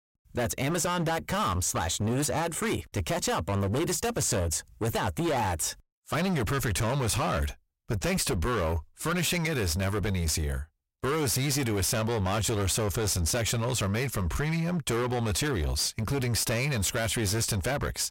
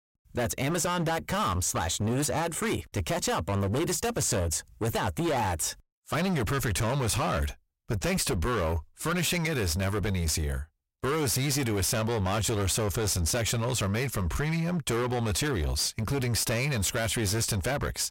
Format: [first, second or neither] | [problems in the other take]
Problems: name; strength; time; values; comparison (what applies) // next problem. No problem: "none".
neither | distortion; heavy; 26% of the sound clipped; the same in both